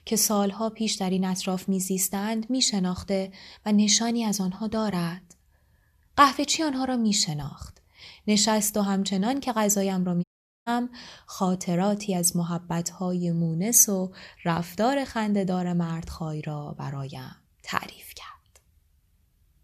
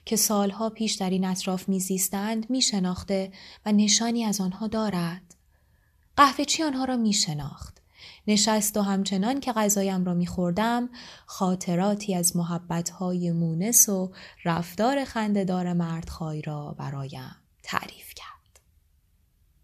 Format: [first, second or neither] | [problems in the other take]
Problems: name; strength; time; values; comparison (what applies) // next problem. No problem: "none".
second | audio cutting out; at 10 s